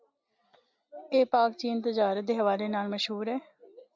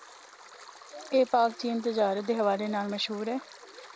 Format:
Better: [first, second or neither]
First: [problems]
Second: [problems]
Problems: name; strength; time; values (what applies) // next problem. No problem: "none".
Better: first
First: none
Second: background sound (Stream); 20 dB below the speech